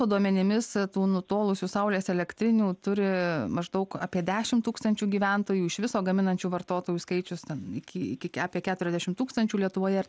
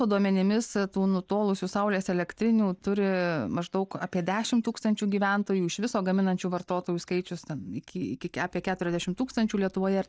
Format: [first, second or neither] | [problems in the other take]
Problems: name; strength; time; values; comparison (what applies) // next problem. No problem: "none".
first | noise reduction (neural mask model DeepFilterNet 3)